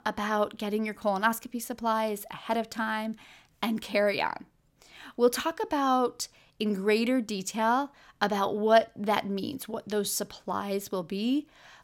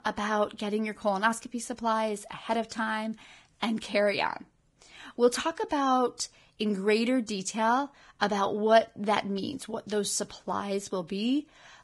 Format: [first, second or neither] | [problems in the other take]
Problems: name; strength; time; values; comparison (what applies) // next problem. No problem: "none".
first | garbled, watery; badly; nothing above 11.5 kHz